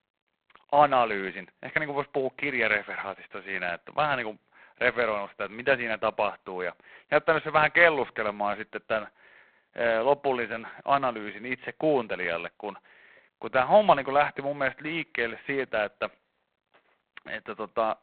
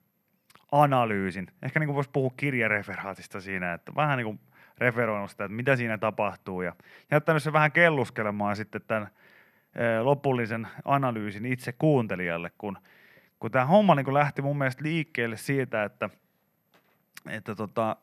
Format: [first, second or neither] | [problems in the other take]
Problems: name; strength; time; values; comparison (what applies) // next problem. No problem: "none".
second | phone-call audio; poor line; nothing above 4 kHz